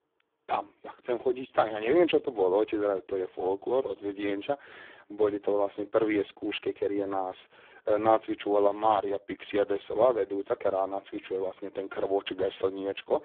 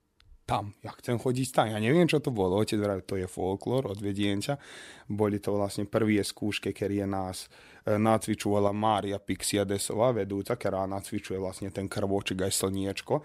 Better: second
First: phone-call audio; poor line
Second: none

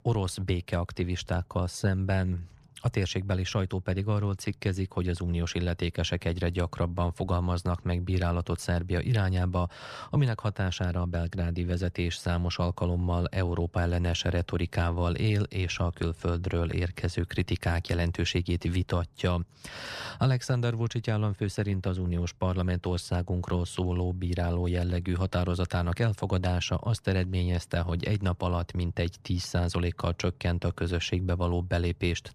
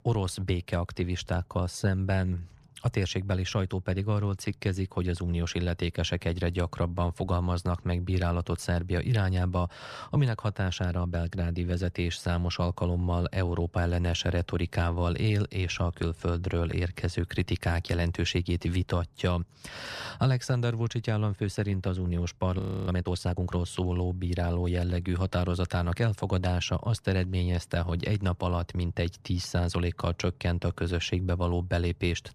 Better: first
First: none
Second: audio freezing; at 23 s

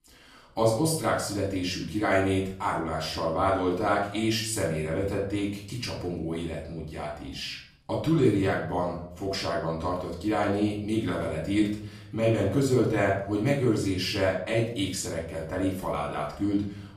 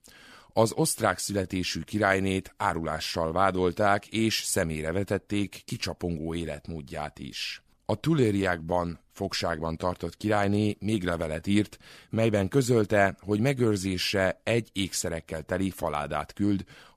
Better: second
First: off-mic speech; far // room echo; noticeable; dies away in 0.6 s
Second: none

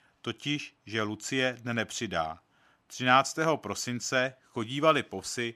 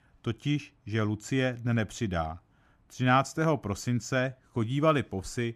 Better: second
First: thin; somewhat; fading below 500 Hz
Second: none

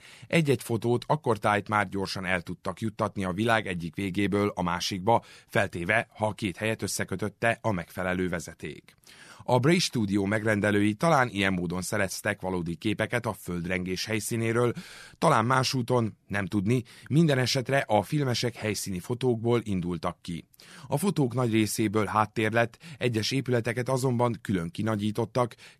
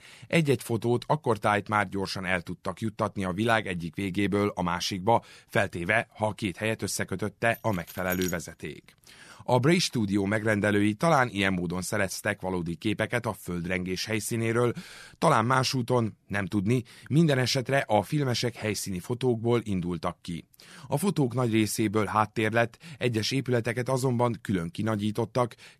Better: first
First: none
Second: jangling keys; noticeable; at 7.5 s; peak 9 dB below the speech

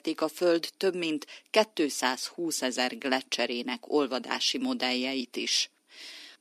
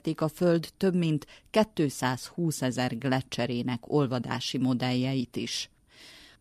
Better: second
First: thin; very slightly; fading below 250 Hz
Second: none

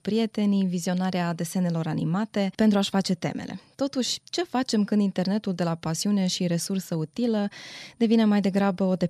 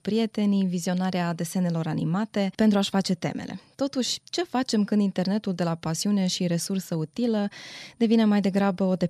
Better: neither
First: none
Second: none

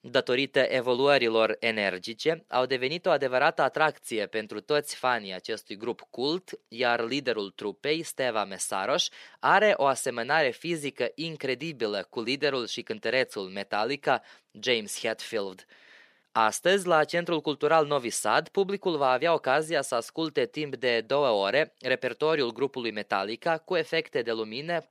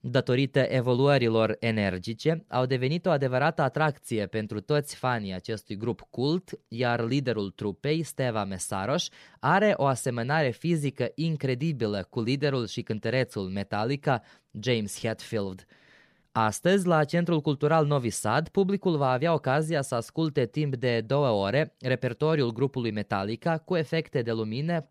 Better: second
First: thin; somewhat; fading below 350 Hz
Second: none

